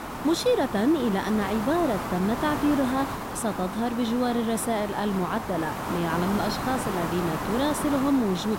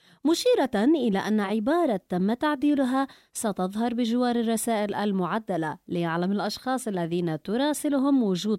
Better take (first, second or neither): second